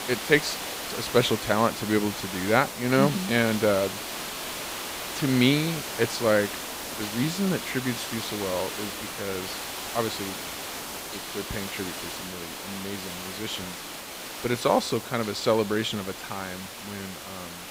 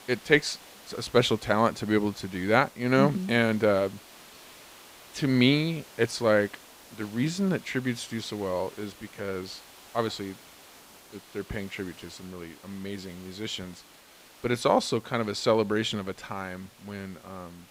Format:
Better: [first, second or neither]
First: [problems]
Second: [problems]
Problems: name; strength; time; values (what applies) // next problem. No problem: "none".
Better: second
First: hiss; loud; throughout; 7 dB below the speech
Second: hiss; faint; throughout; 20 dB below the speech